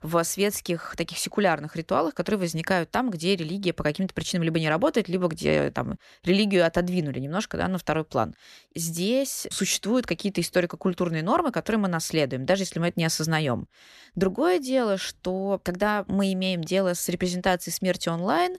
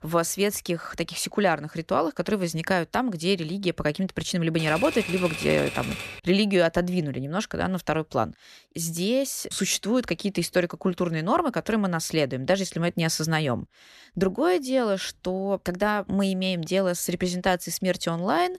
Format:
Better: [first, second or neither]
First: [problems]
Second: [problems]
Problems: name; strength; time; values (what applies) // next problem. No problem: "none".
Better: first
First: none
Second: keyboard typing; noticeable; from 4.5 to 6 s; peak 5 dB below the speech